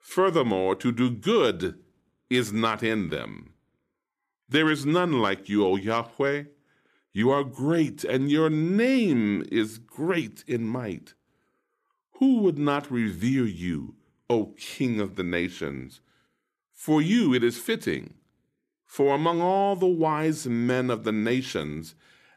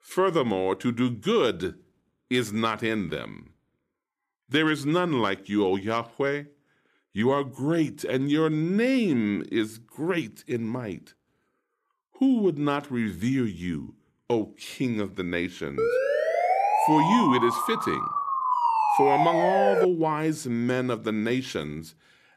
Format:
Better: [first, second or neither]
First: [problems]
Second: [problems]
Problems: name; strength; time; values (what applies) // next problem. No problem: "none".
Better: first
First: none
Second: siren; loud; from 16 to 20 s; peak 4 dB above the speech